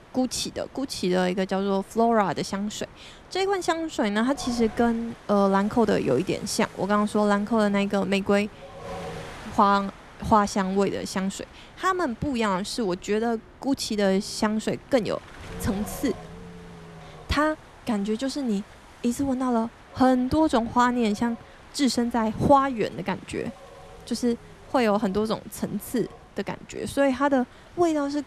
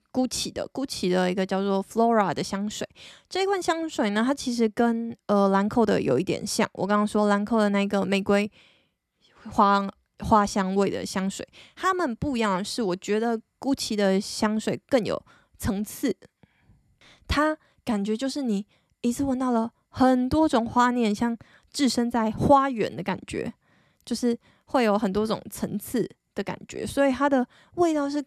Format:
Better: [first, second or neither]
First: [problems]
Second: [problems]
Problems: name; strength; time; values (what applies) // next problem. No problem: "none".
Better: second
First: wind noise on the microphone; occasional gusts; 20 dB below the speech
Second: none